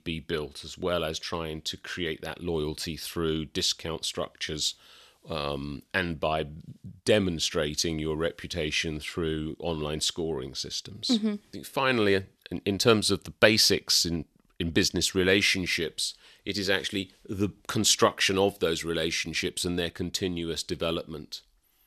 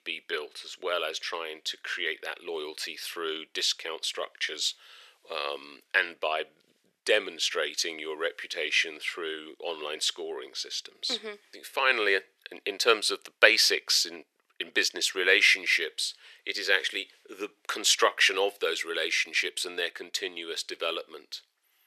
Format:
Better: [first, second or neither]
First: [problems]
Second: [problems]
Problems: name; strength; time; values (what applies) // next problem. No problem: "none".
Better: first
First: none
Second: thin; very; fading below 400 Hz